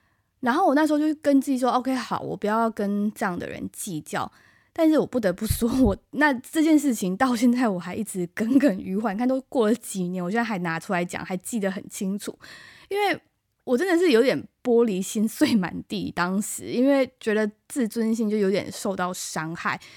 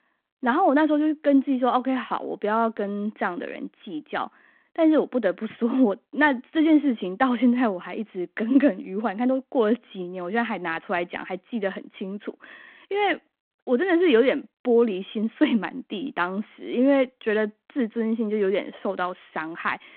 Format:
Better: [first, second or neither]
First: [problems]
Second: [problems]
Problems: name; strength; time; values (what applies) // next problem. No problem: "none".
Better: first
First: none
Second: phone-call audio